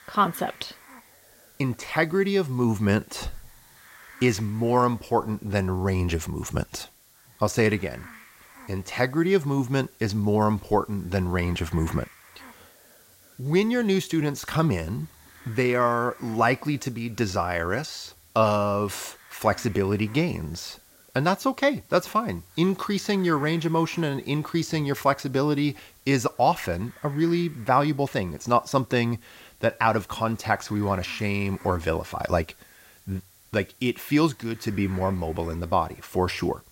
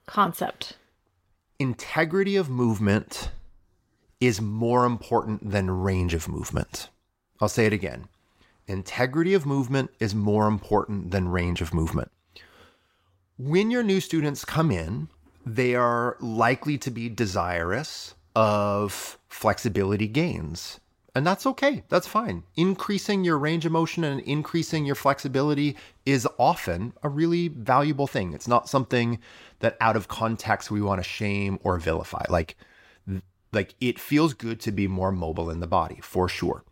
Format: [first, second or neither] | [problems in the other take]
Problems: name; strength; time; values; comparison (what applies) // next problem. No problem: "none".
second | hiss; faint; throughout; 25 dB below the speech